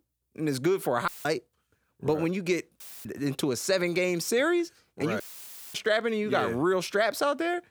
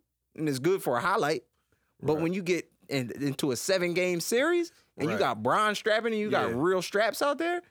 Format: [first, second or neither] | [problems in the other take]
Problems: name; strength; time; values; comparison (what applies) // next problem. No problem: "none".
second | audio cutting out; filled with static; at 1 s, at 3 s and at 5 s for 0.5 s